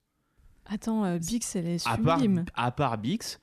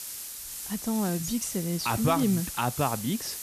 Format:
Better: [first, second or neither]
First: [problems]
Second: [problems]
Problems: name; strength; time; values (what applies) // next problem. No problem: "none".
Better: first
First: none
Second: hiss; loud; throughout; 7 dB below the speech